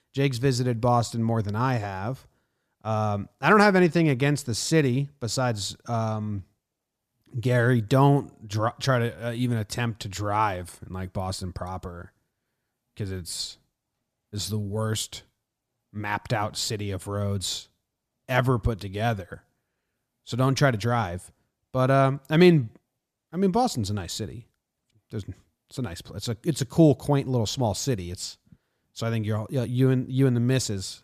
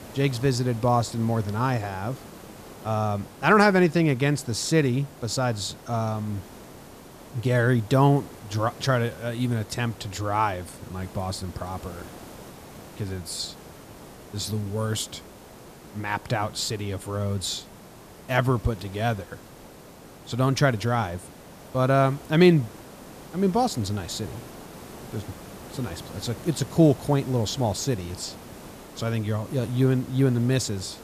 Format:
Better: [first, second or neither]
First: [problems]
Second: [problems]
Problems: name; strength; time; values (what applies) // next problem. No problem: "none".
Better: first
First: none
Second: hiss; noticeable; throughout; 20 dB below the speech